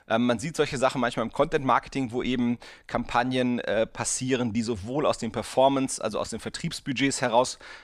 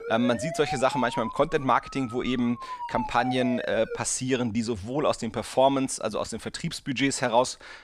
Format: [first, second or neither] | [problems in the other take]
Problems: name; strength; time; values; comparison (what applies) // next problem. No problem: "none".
first | siren; noticeable; until 4 s; peak 7 dB below the speech